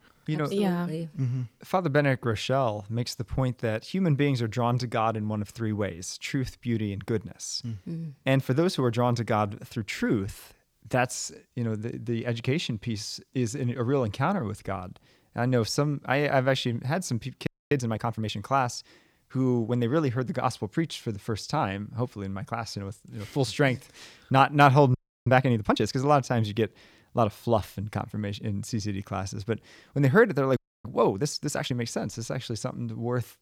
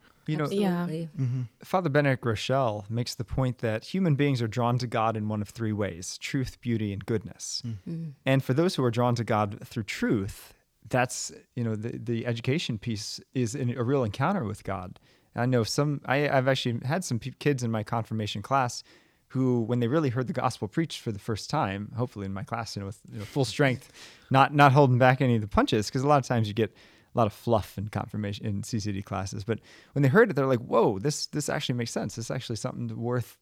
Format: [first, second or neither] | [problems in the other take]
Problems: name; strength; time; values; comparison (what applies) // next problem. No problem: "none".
second | audio freezing; at 17 s, at 25 s and at 31 s